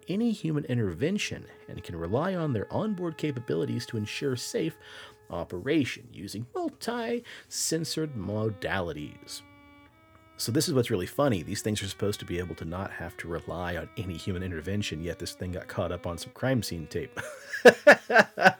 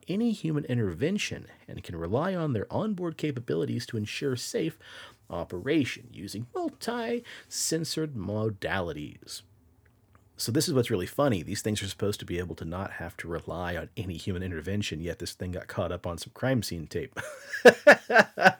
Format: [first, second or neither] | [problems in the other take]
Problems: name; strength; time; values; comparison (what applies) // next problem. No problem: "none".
second | background music; faint; throughout; 25 dB below the speech